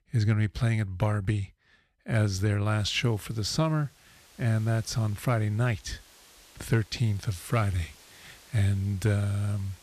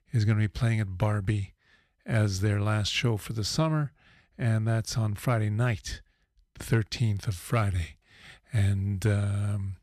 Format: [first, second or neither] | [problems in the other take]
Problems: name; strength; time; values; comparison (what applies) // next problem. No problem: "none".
second | hiss; faint; from 3 s on; 25 dB below the speech